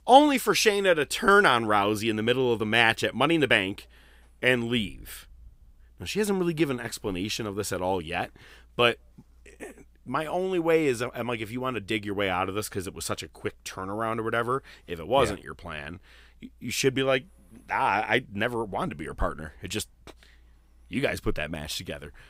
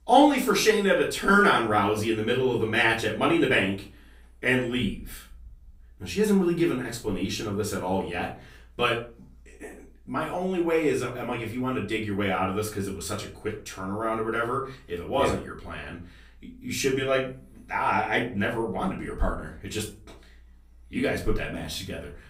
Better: first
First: none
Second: off-mic speech; far // room echo; slight; dies away in 0.3 s

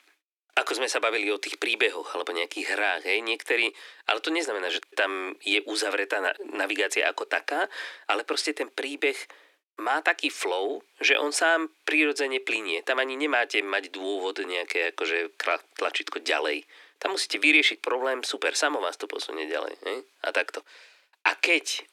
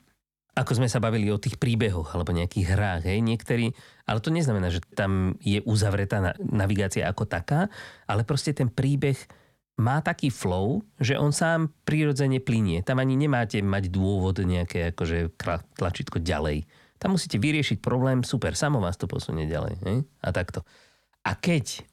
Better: second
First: thin; very; fading below 300 Hz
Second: none

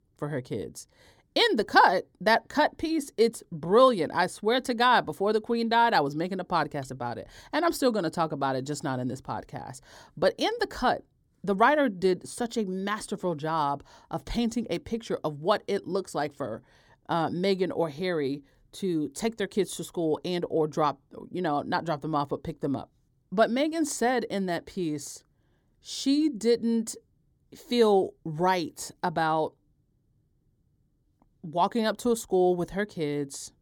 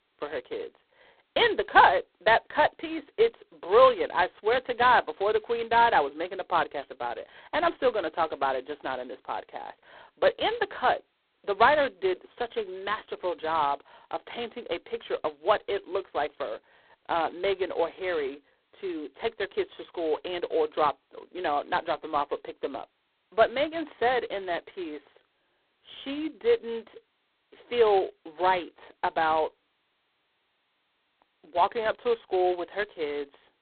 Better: first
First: none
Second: phone-call audio; poor line; nothing above 4 kHz

